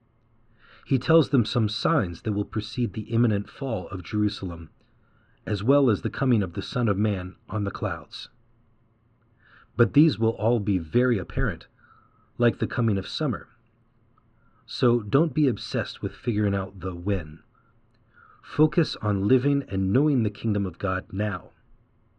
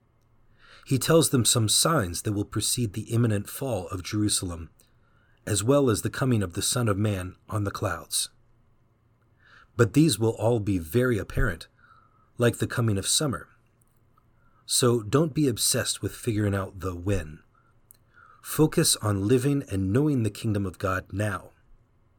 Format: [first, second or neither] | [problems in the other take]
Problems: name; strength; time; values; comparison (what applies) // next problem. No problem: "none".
second | muffled; slightly; fading above 3.5 kHz